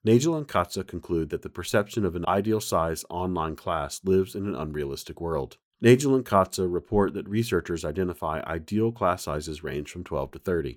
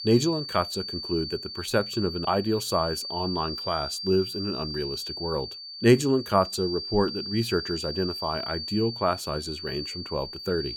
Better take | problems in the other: first | high-pitched whine; loud; throughout; 4.5 kHz, 6 dB below the speech

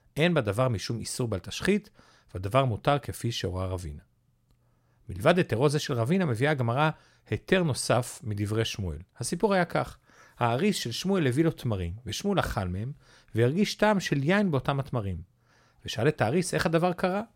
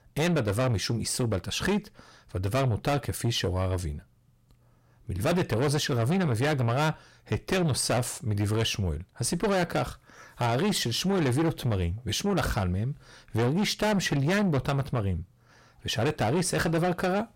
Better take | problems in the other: first | distortion; heavy; 6 dB below the speech

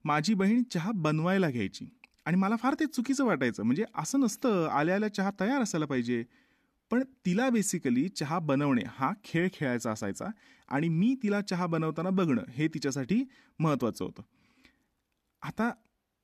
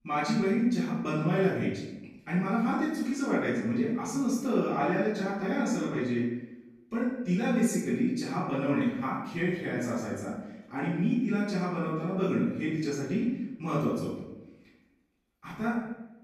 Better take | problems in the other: first | off-mic speech; far // room echo; noticeable; dies away in 0.8 s

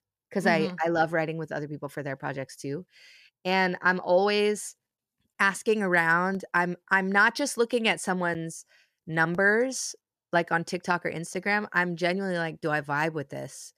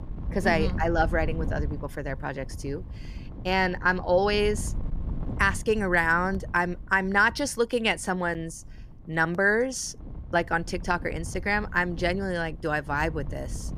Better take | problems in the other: first | wind noise on the microphone; occasional gusts; 25 dB below the speech

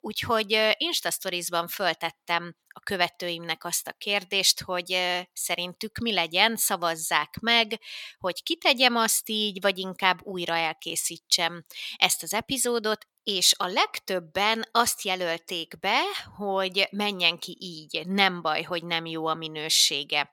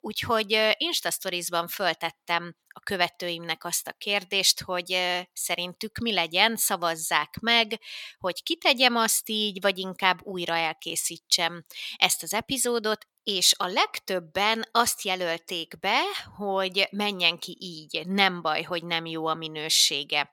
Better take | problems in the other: neither | thin; somewhat; fading below 1 kHz; the same in both

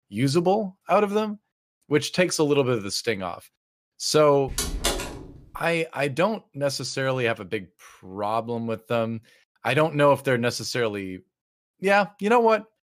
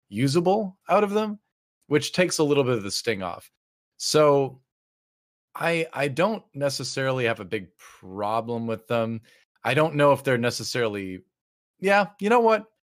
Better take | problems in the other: second | door banging; noticeable; from 4.5 to 5.5 s; peak 1 dB below the speech

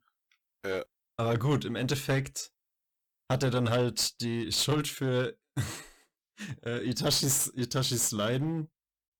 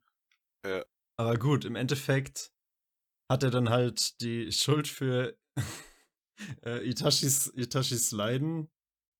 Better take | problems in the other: second | distortion; slight; 6% of the sound clipped

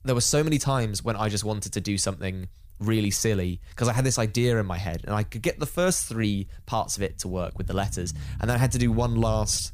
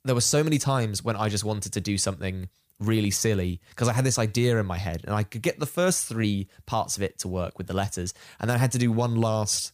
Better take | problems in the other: second | low rumble; faint; throughout; 25 dB below the speech

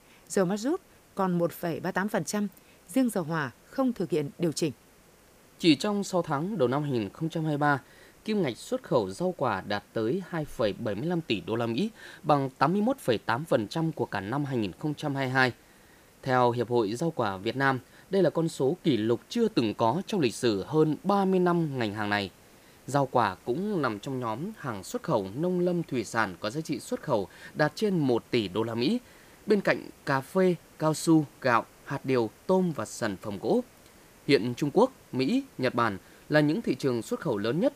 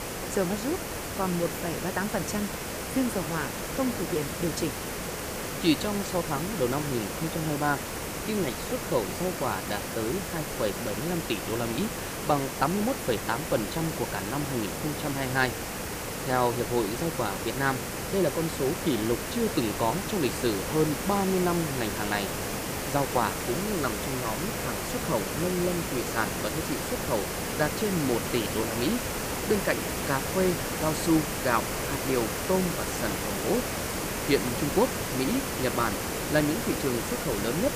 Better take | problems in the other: first | hiss; loud; throughout; 2 dB below the speech; faint in the first

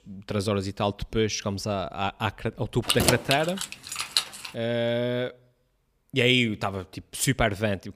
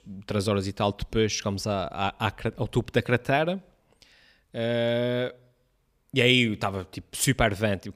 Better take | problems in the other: second | jangling keys; loud; from 3 to 4.5 s; peak 4 dB above the speech

